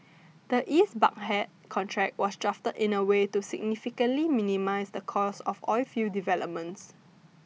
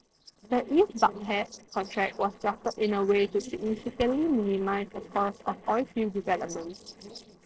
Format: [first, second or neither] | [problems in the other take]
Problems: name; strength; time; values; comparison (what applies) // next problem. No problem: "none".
first | noise reduction (neural separator model SepFormer DNS4)